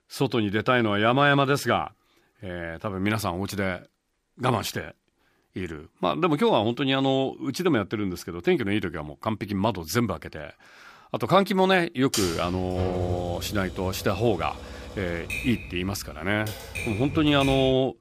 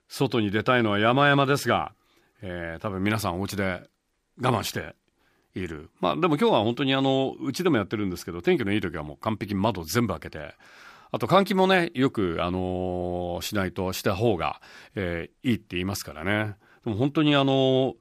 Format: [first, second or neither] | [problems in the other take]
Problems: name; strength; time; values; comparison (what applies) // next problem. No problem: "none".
second | keyboard typing; noticeable; from 12 s on; peak 3 dB below the speech